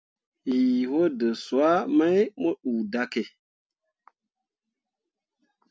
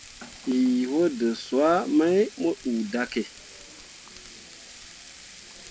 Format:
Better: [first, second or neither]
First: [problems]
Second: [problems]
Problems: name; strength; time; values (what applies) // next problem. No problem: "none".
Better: first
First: none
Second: background sound (Frying (food)); 19 dB below the speech